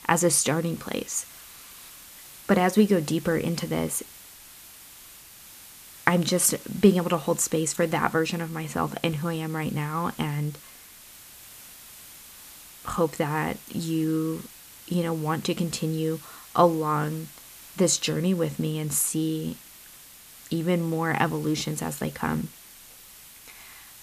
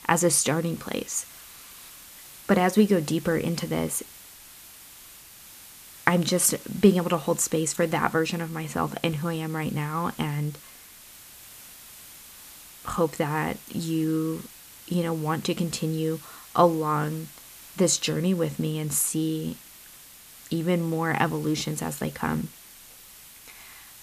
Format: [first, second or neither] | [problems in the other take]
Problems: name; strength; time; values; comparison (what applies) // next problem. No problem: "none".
neither | hiss; noticeable; throughout; 20 dB below the speech; the same in both